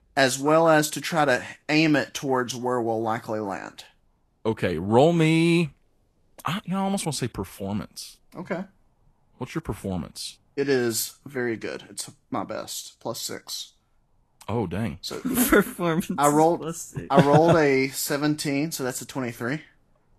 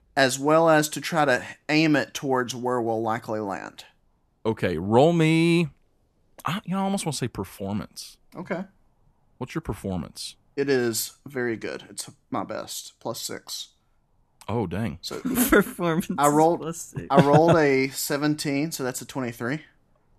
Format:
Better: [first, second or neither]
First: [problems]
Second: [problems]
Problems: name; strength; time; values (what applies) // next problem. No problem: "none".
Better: second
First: garbled, watery; slightly; nothing above 13.5 kHz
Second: none